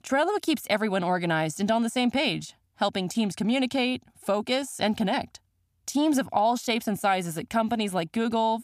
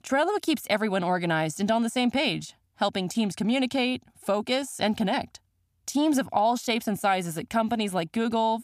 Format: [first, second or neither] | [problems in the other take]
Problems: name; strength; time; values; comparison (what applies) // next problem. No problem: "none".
neither | none